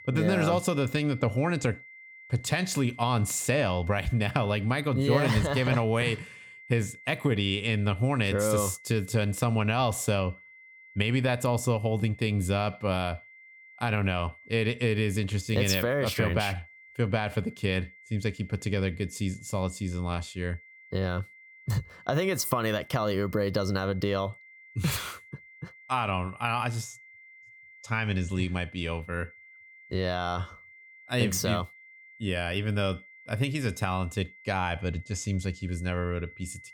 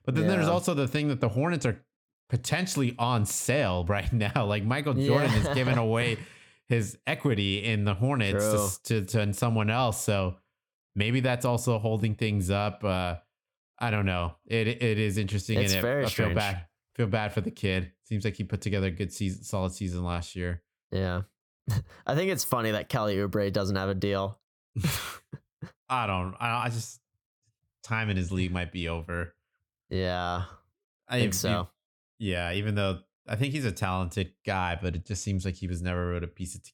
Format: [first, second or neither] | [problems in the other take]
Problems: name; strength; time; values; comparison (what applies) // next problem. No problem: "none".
second | high-pitched whine; faint; throughout; 2 kHz, 20 dB below the speech